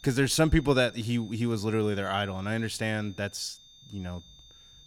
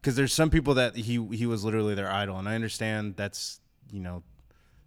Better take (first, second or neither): second